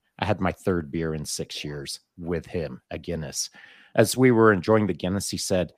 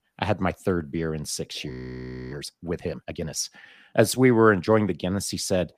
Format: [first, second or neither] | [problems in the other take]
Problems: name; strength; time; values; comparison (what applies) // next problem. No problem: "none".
first | audio freezing; at 1.5 s for 0.5 s